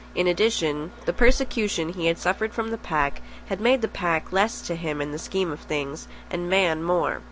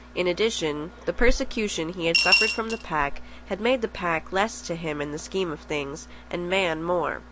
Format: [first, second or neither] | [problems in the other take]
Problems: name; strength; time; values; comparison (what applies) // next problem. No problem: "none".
first | background sound (Coin (dropping) / Glass); 3 dB above the speech